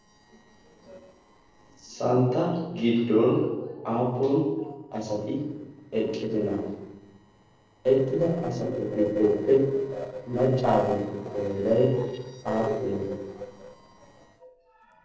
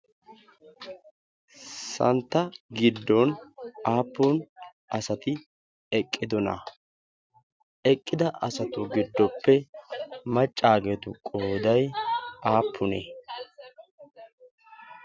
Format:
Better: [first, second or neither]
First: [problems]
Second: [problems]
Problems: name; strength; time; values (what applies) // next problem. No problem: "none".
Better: second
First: noise reduction (neural separator model SepFormer DNS4)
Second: none